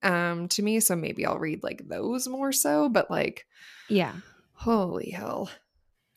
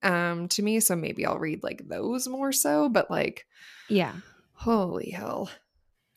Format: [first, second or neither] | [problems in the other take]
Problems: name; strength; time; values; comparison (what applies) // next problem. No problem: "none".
neither | none